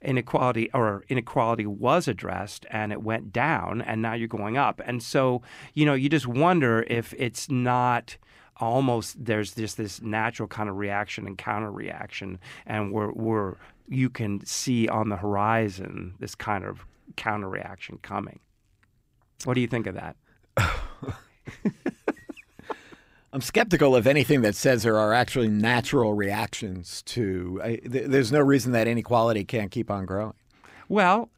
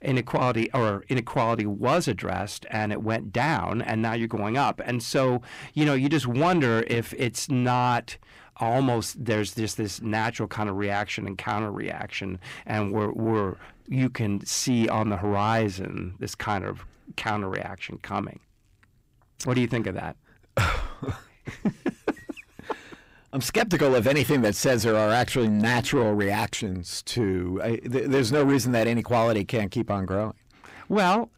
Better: first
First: none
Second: distortion; slight; 10 dB below the speech

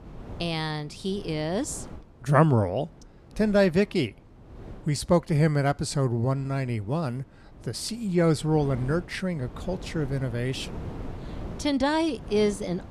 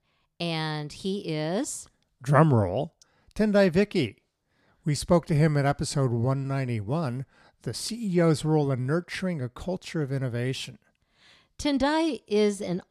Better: second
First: wind noise on the microphone; occasional gusts; 20 dB below the speech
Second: none

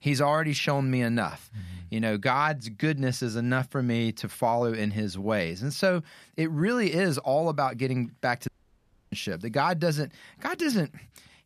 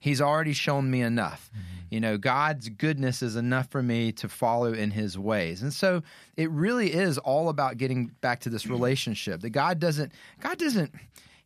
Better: second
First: audio cutting out; at 8.5 s for 0.5 s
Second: none

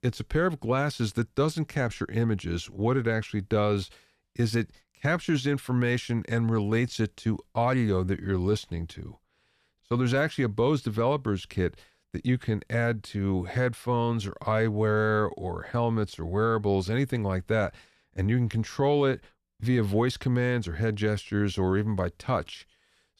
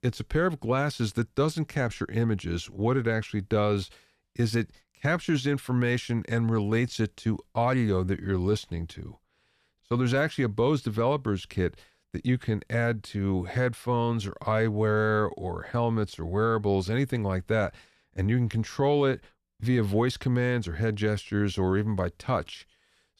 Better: neither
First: none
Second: none

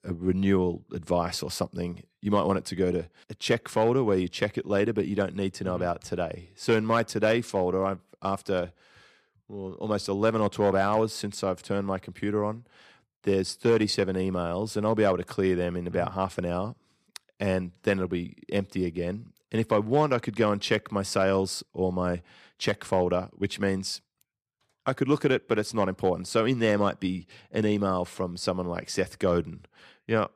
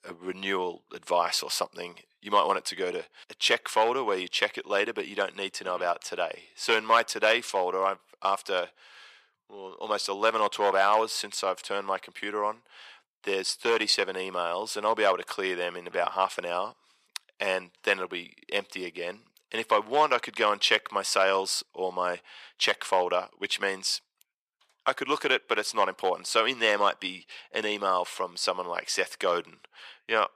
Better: first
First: none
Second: thin; very; fading below 650 Hz

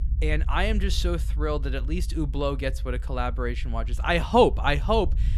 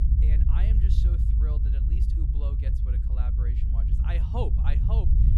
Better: first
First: low rumble; faint; throughout; 25 dB below the speech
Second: low rumble; loud; throughout; as loud as the speech

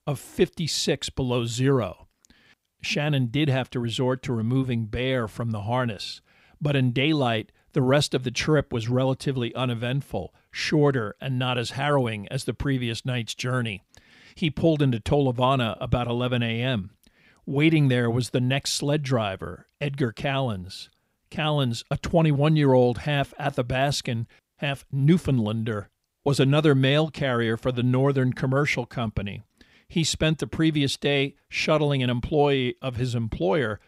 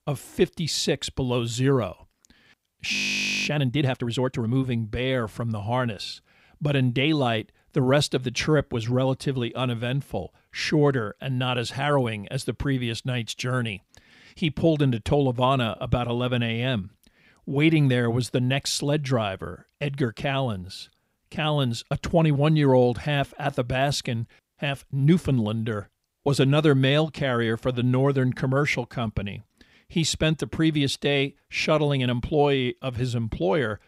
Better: first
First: none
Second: audio freezing; at 3 s for 0.5 s

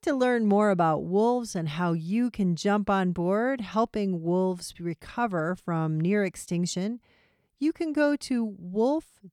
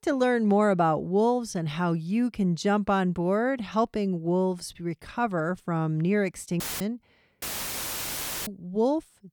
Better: first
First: none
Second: audio cutting out; filled with static; at 6.5 s and at 7.5 s for 1 s

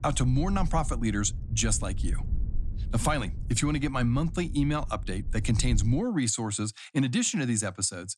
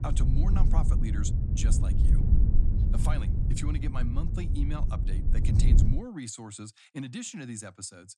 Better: first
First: low rumble; faint; until 6 s; 20 dB below the speech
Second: low rumble; loud; until 6 s; 2 dB below the speech

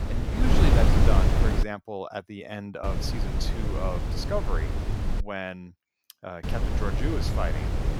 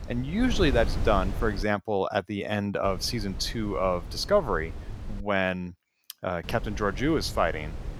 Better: second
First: wind noise on the microphone; heavy; until 1.5 s, from 3 to 5 s and from 6.5 s on; as loud as the speech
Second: wind noise on the microphone; occasional gusts; until 1.5 s, from 3 to 5 s and from 6.5 s on; 15 dB below the speech

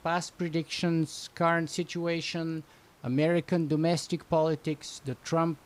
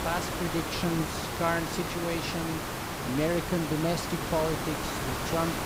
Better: first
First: hiss; faint; throughout; 30 dB below the speech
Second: hiss; loud; throughout; 1 dB below the speech

